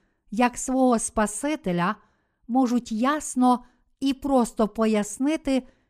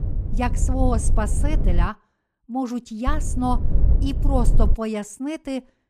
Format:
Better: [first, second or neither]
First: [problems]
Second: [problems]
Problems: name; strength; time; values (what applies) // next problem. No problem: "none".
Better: first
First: none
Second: low rumble; noticeable; until 2 s and from 3 to 4.5 s; 10 dB below the speech